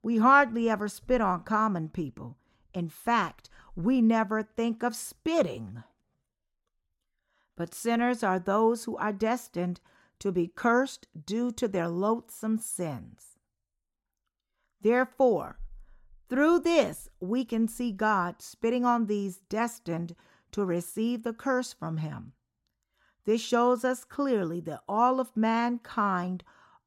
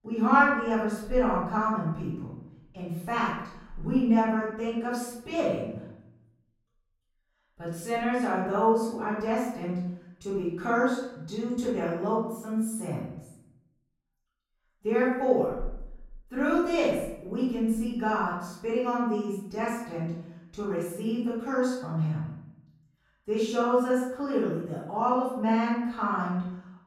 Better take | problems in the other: first | room echo; noticeable; dies away in 0.7 s // off-mic speech; far

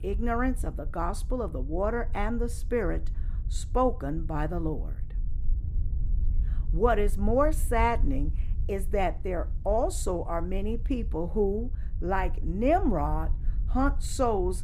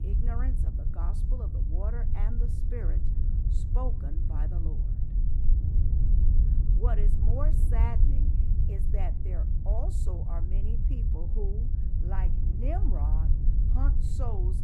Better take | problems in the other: first | low rumble; loud; throughout; 3 dB below the speech; faint in the first

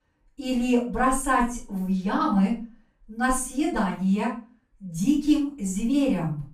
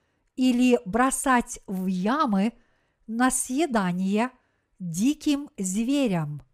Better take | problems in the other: second | off-mic speech; far // room echo; slight; dies away in 0.3 s

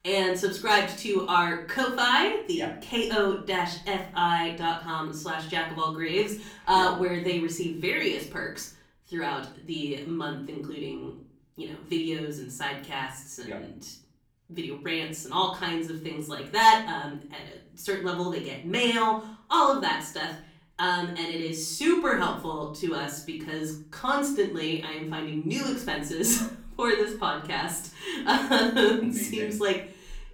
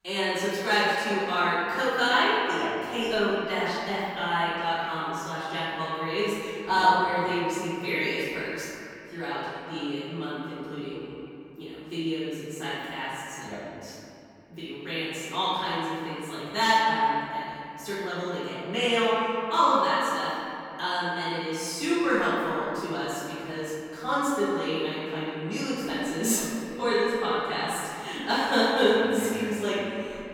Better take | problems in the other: first | room echo; strong; dies away in 2.5 s; slight in the first // off-mic speech; far; far in the first

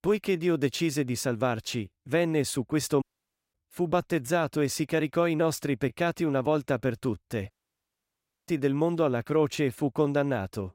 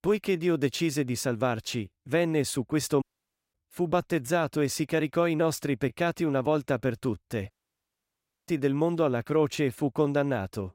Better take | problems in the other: neither | audio cutting out; at 3 s for 0.5 s and at 7.5 s for 1 s; the same in both

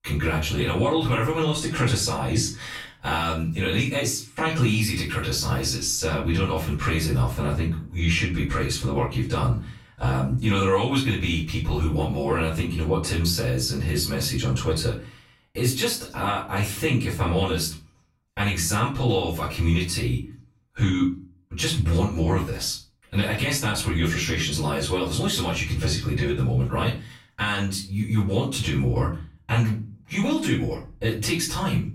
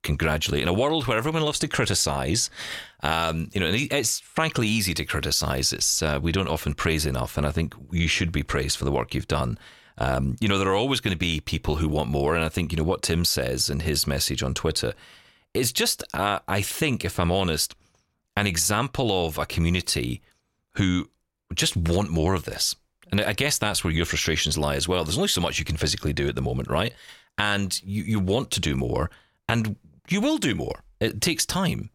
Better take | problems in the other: second | off-mic speech; far // room echo; slight; dies away in 0.4 s

